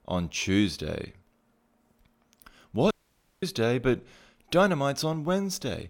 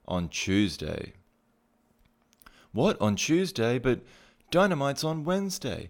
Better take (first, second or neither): second